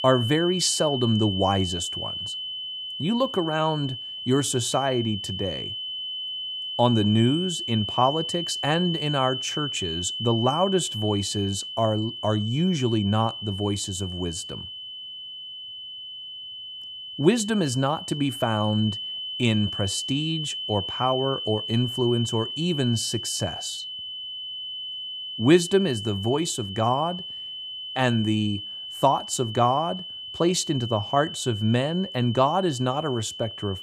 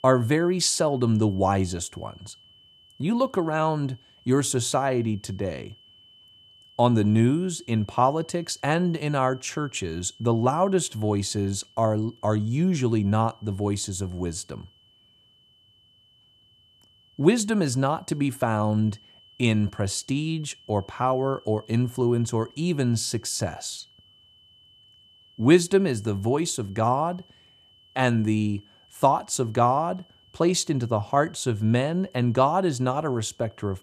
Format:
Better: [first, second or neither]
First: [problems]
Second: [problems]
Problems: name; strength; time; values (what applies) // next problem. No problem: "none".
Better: second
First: high-pitched whine; loud; throughout; 3 kHz, 6 dB below the speech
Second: high-pitched whine; faint; throughout; 3 kHz, 30 dB below the speech